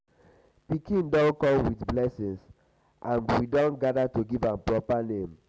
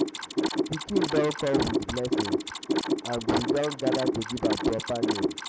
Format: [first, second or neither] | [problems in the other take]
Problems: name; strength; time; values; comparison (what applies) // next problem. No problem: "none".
first | background sound (Mechanisms); 3 dB above the speech